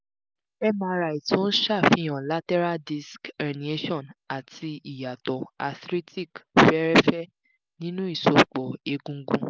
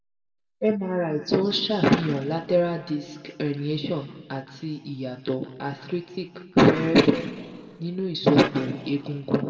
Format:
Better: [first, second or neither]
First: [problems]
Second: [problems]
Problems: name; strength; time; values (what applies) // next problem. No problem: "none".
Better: first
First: none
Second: room echo; dies away in 1.4 s